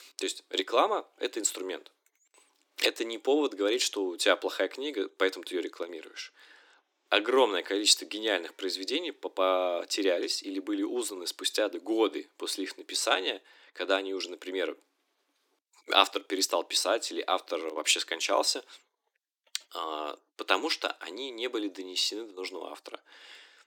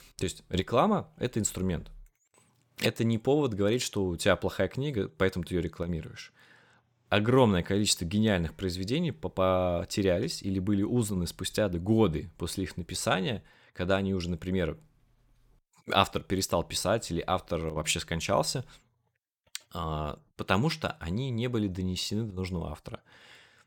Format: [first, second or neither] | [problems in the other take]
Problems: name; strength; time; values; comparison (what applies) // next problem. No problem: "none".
second | thin; somewhat; fading below 300 Hz